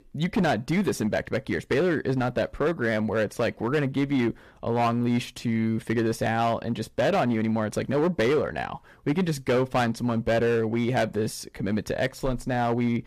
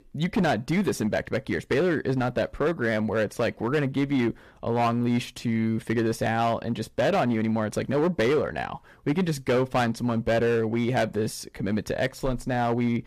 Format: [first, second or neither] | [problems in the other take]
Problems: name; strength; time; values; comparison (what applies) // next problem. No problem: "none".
neither | distortion; slight; 8% of the sound clipped; the same in both